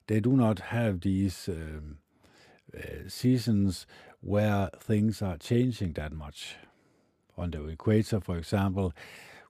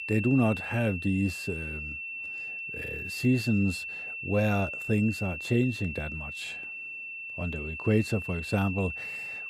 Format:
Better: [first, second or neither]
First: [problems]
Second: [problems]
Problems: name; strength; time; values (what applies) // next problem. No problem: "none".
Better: first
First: none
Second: high-pitched whine; loud; throughout; 2.5 kHz, 6 dB below the speech